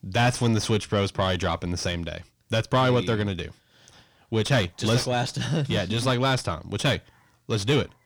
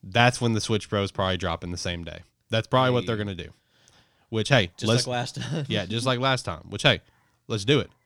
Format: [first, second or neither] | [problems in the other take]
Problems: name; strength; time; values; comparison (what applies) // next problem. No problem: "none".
second | distortion; heavy; 7 dB below the speech